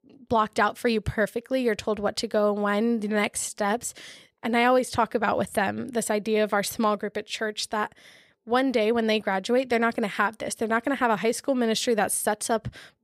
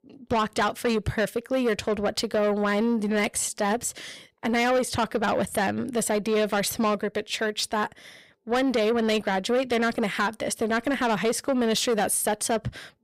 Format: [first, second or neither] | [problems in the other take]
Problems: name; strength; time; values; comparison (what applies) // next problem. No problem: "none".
first | distortion; slight; 10 dB below the speech